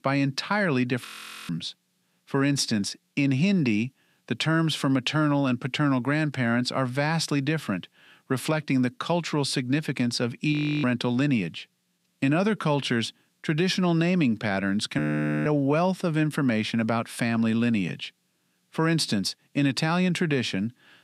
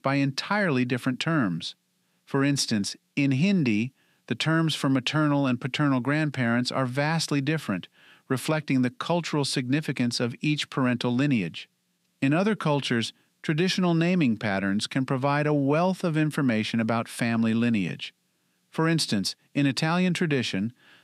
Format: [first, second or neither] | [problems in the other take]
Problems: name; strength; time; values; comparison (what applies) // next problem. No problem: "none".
second | audio freezing; at 1 s, at 11 s and at 15 s